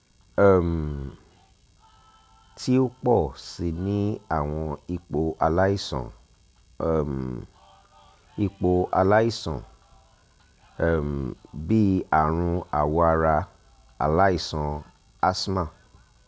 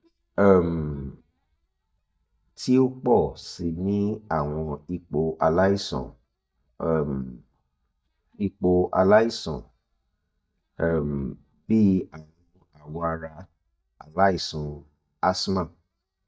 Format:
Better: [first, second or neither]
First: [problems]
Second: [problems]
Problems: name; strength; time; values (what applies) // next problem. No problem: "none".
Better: first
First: none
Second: noise reduction (neural mask model DeepFilterNet 3)